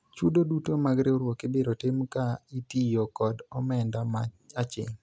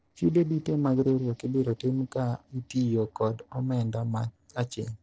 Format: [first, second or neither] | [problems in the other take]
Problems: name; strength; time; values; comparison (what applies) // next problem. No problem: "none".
first | noise reduction (neural separator model SepFormer DNS4)